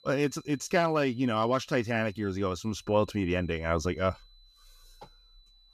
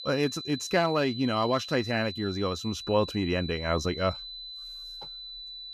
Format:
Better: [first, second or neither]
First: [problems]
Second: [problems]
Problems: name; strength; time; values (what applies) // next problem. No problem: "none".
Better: first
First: high-pitched whine; faint; throughout; 4 kHz, 30 dB below the speech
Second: high-pitched whine; loud; throughout; 4 kHz, 10 dB below the speech